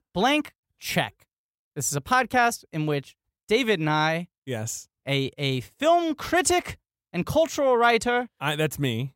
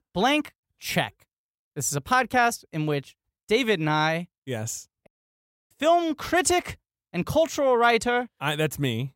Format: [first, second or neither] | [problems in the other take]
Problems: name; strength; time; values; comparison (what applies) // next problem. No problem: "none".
first | audio cutting out; at 5 s for 0.5 s